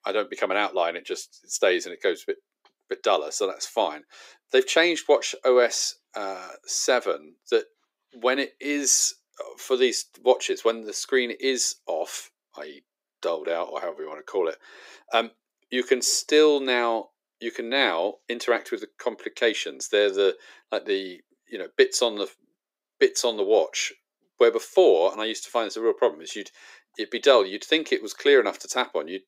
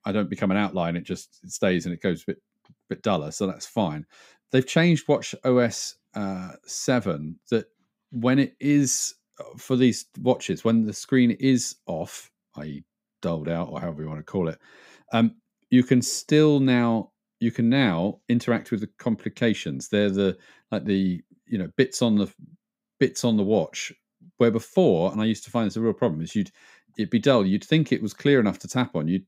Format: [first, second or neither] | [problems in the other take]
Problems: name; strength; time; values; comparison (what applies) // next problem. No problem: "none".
second | thin; very; fading below 350 Hz